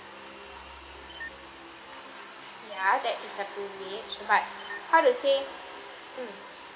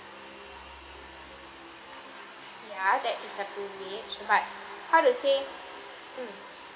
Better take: second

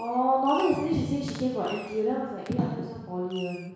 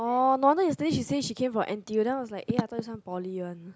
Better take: second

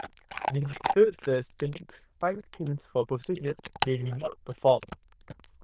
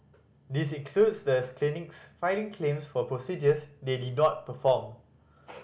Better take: second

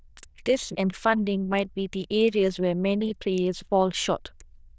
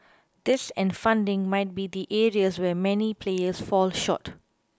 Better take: second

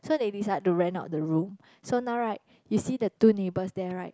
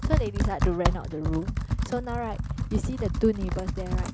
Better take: first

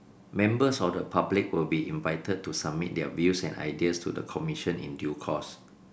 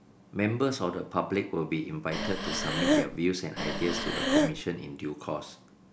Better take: first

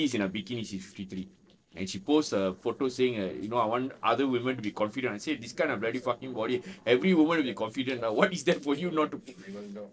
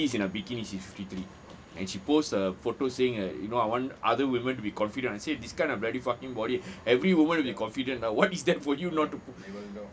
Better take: second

